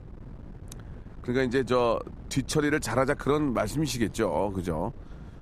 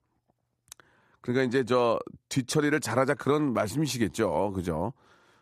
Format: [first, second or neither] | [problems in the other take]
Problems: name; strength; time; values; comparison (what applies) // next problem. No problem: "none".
second | wind noise on the microphone; occasional gusts; 25 dB below the speech